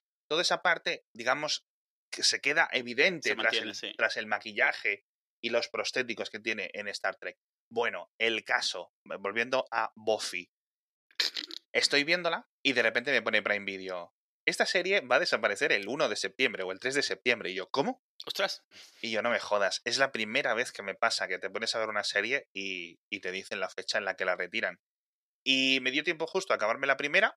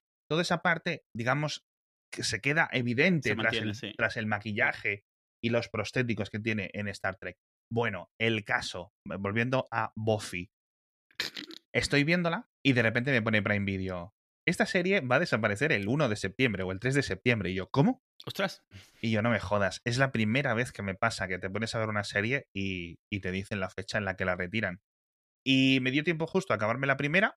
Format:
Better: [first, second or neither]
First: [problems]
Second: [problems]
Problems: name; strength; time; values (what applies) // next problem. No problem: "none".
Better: second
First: thin; somewhat; fading below 450 Hz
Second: none